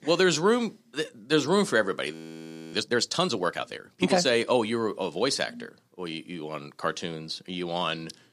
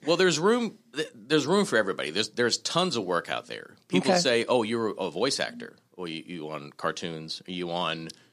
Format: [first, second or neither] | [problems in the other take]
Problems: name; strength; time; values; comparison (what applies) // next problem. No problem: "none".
second | audio freezing; at 2 s for 0.5 s